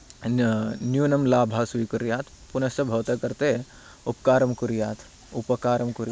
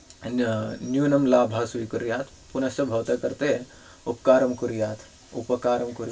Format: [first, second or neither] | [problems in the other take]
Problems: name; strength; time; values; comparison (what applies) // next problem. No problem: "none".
first | room echo; dies away in 0.2 s